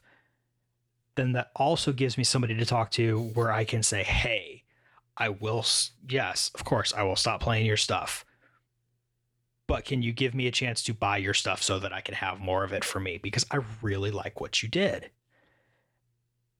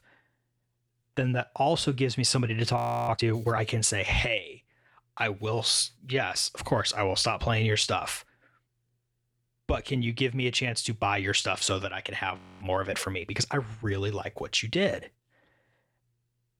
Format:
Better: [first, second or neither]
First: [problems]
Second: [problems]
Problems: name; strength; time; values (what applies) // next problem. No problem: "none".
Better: first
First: none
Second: audio freezing; at 3 s and at 12 s